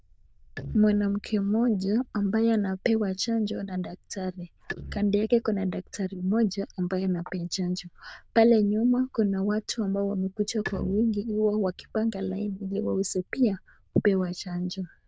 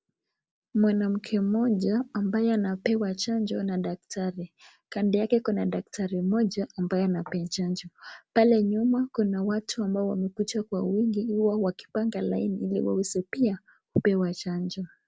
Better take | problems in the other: second | noise reduction (neural diffusion model UNIVERSE++)

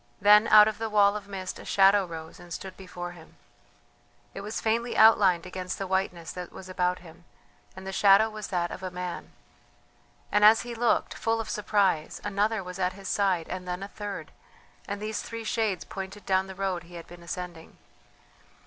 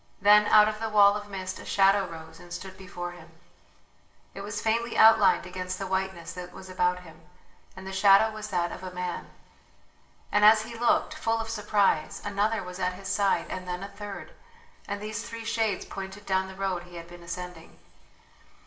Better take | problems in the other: first | room echo; dies away in 1.4 s

